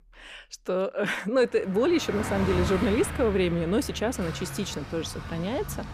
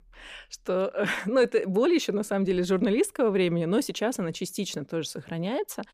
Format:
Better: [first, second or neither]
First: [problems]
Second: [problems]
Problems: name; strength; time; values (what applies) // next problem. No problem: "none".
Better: second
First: traffic noise; loud; from 2 s on; 8 dB below the speech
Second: none